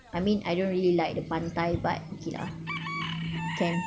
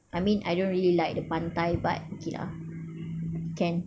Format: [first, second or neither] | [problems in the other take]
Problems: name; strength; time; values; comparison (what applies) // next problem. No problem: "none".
second | background sound (Bird / Chicken, rooster); 12 dB below the speech